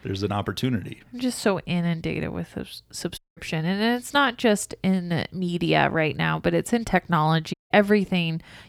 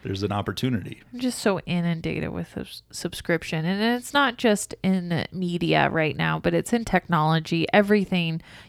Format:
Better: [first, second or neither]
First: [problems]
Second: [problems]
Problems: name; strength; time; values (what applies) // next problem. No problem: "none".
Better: second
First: audio cutting out; at 3 s and at 7.5 s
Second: none